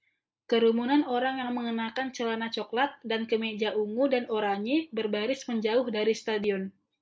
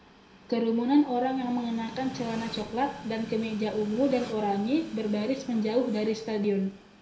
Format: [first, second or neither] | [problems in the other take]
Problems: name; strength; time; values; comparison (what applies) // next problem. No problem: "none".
first | background sound (Train); 15 dB below the speech // room echo; dies away in 0.5 s